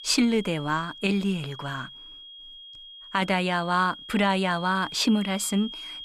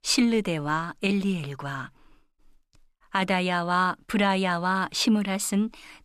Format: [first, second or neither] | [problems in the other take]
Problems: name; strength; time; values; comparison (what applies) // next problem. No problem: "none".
second | high-pitched whine; noticeable; throughout; 3.5 kHz, 15 dB below the speech